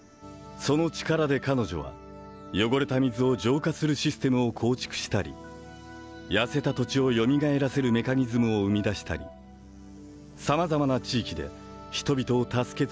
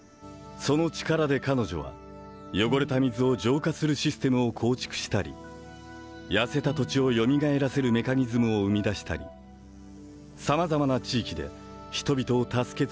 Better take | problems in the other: first | background sound (Piano); 13 dB below the speech

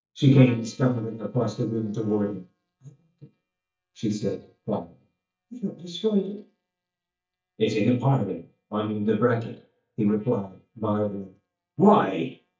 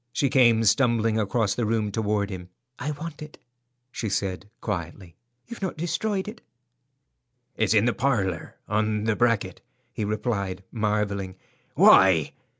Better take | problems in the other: second | noise reduction (neural mask model DeepFilterNet 3)

